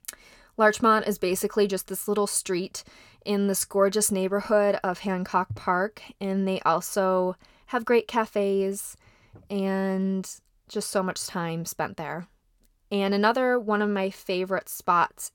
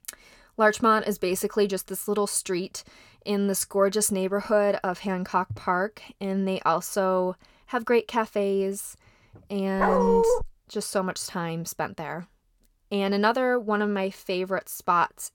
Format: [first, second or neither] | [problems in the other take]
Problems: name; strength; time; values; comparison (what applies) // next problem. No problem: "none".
first | dog barking; loud; at 10 s; peak 5 dB above the speech